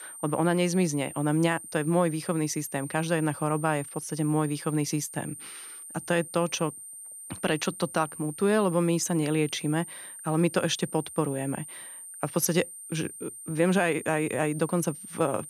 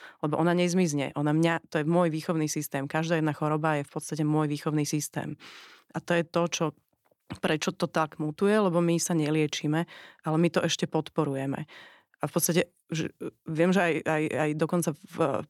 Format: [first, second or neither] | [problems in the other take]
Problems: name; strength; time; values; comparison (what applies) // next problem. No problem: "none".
second | high-pitched whine; noticeable; throughout; 9 kHz, 10 dB below the speech